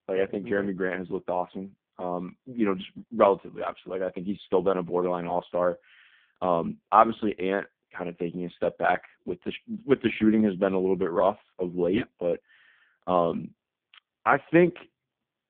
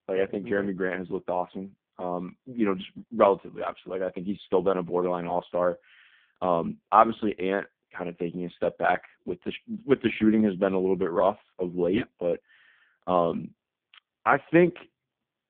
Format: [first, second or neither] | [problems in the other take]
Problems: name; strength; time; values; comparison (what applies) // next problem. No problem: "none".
neither | phone-call audio; poor line; the same in both